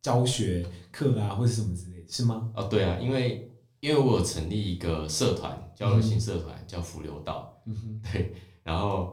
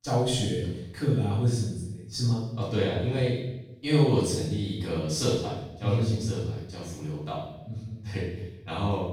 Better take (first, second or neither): first